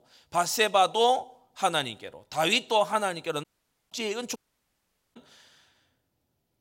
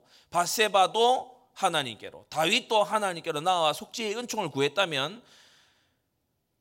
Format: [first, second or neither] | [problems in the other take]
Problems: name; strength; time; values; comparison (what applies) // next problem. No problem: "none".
second | audio cutting out; at 3.5 s and at 4.5 s for 1 s